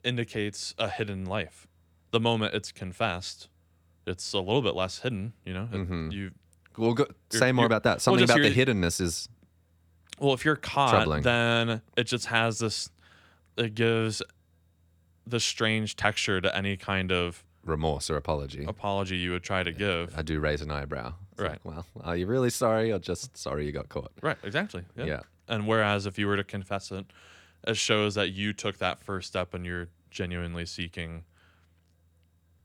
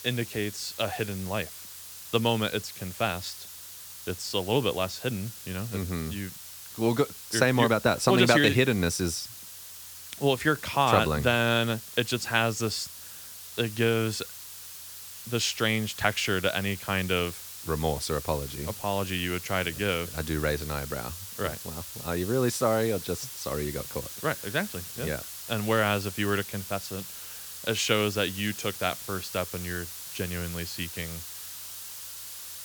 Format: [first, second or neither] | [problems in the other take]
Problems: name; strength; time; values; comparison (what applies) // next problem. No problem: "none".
first | hiss; noticeable; throughout; 10 dB below the speech